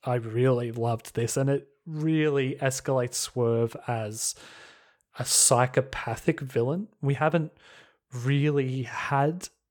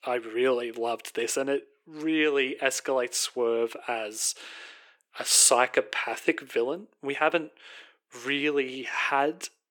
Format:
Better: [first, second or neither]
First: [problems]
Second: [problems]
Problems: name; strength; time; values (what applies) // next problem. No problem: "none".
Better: first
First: none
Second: thin; somewhat; fading below 300 Hz